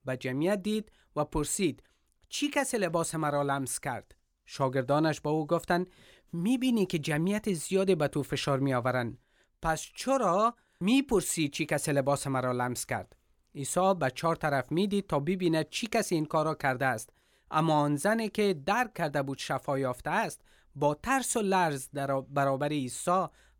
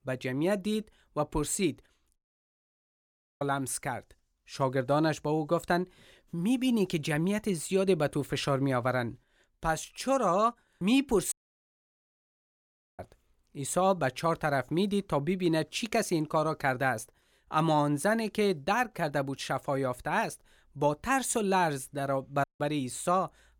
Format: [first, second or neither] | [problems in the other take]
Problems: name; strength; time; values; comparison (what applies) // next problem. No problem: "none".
first | audio cutting out; at 2 s for 1.5 s, at 11 s for 1.5 s and at 22 s